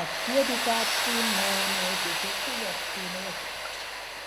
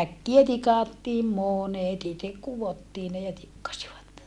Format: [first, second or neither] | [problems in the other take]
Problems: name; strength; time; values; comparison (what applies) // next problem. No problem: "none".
second | background sound (Tools); 4 dB above the speech